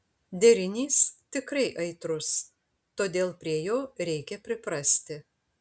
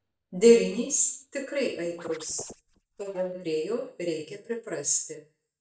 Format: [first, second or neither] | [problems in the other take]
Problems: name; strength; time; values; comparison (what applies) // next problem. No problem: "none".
first | noise reduction (neural mask model DeepFilterNet 3)